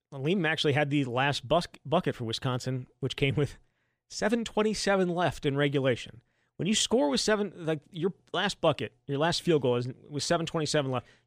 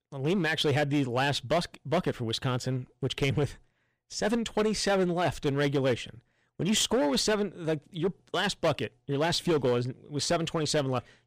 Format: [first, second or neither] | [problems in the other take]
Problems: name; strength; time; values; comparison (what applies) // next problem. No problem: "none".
first | distortion; slight; 7% of the sound clipped